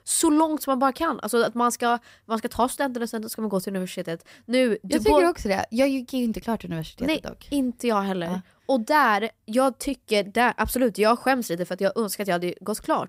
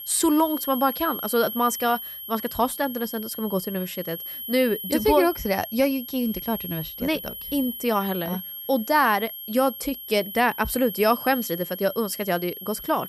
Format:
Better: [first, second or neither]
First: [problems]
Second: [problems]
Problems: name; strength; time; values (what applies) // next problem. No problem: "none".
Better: first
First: none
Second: high-pitched whine; loud; throughout; 11.5 kHz, 8 dB below the speech